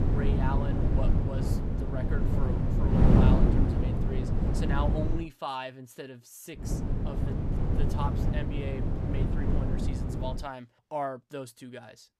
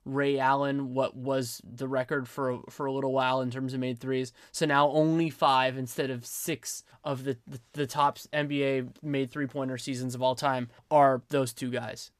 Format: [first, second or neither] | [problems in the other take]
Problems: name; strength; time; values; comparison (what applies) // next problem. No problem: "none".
second | wind noise on the microphone; heavy; until 5 s and from 6.5 to 10 s; 2 dB above the speech